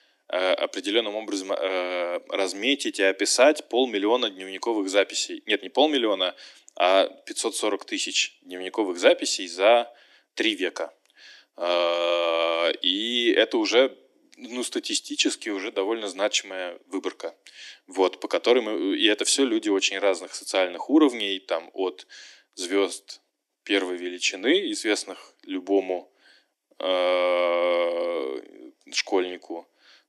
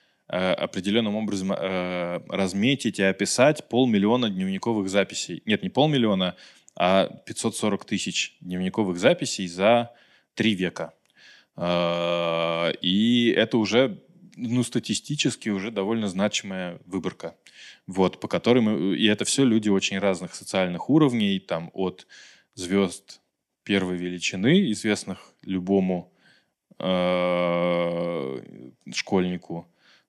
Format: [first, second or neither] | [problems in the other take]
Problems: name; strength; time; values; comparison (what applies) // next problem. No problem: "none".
second | thin; somewhat; fading below 300 Hz